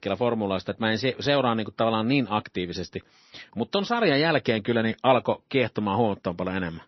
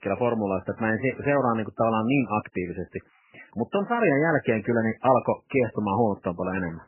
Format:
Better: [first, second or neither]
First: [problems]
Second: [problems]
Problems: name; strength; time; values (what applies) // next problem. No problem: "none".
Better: first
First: garbled, watery; slightly; nothing above 6 kHz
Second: garbled, watery; badly; nothing above 3 kHz